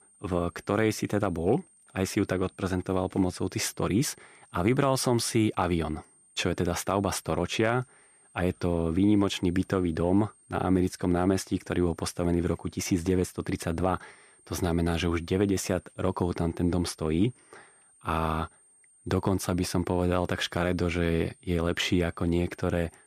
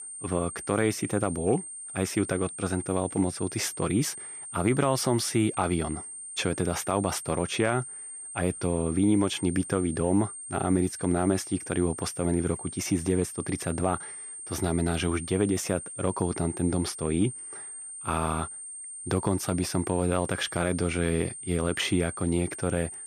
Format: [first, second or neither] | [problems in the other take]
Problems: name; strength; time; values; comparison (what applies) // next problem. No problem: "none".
first | high-pitched whine; loud; throughout; 8.5 kHz, 9 dB below the speech; faint in the first